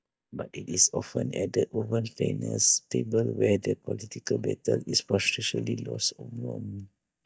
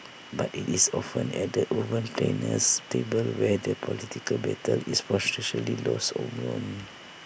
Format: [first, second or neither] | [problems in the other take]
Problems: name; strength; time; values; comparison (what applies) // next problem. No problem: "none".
second | noise reduction (neural mask model DeepFilterNet 3)